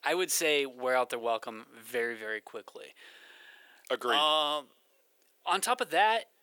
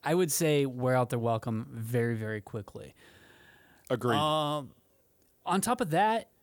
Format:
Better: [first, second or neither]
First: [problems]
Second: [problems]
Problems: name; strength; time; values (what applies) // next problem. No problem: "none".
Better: second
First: thin; very; fading below 400 Hz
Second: none